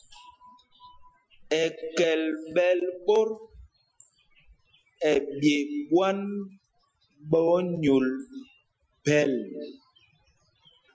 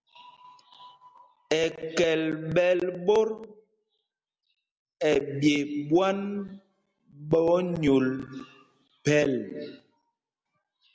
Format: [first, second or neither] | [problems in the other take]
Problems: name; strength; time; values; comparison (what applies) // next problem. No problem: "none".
second | noise reduction (classical method Wiener filter)